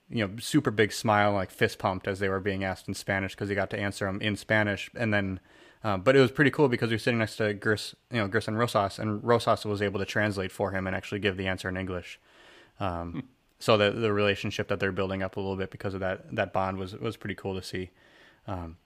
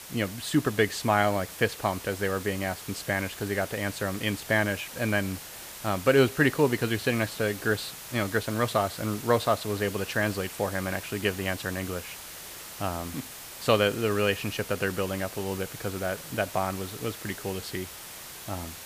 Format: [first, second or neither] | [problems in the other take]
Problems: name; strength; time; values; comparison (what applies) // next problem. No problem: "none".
first | hiss; noticeable; throughout; 10 dB below the speech